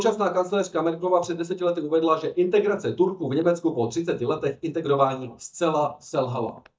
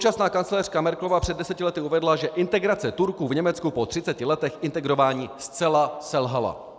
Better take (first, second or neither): second